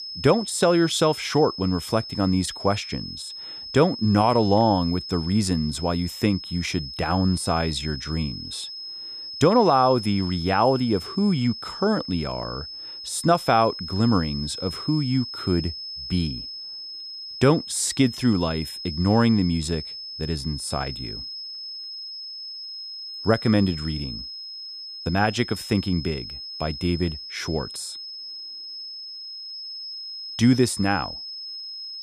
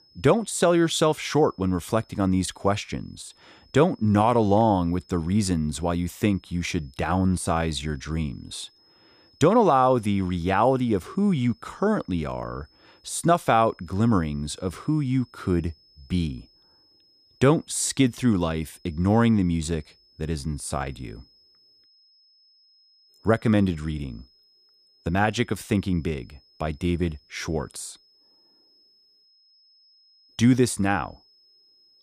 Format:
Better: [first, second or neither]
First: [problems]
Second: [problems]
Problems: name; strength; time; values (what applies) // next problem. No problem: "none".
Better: second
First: high-pitched whine; loud; throughout; 5 kHz, 10 dB below the speech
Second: high-pitched whine; faint; throughout; 5 kHz, 35 dB below the speech